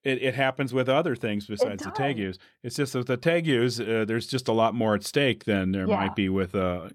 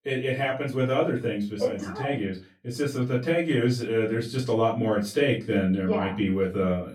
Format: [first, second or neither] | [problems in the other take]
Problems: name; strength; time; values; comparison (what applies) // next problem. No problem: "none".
first | off-mic speech; far // room echo; slight; dies away in 0.2 s